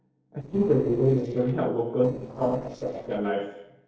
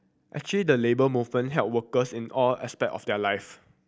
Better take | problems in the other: second | noise reduction (neural separator model SepFormer DNS4)

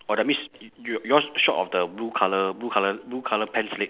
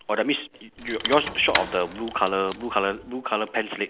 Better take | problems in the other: first | background sound (Rattle / Keys jangling); 7 dB below the speech

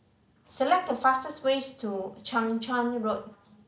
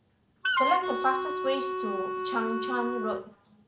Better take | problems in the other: first | background sound (Wind instrument, woodwind instrument); 1 dB above the speech

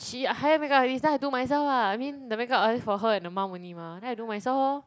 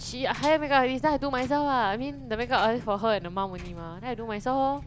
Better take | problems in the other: first | background sound (Engine); 16 dB below the speech

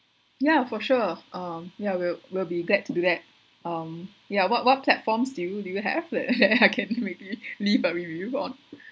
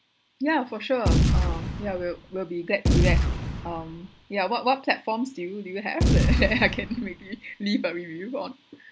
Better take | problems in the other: first | background sound (Boom); 4 dB above the speech

